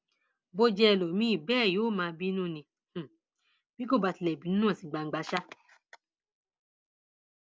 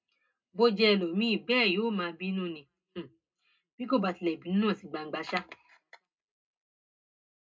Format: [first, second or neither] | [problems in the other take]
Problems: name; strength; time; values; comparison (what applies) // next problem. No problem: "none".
first | room echo; dies away in 0.2 s